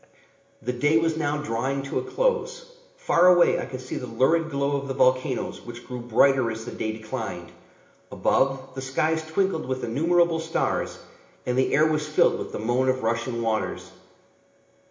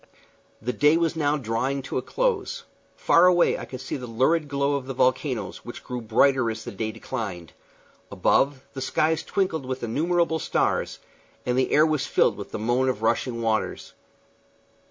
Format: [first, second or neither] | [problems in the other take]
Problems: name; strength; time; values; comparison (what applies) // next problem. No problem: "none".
second | room echo; dies away in 1 s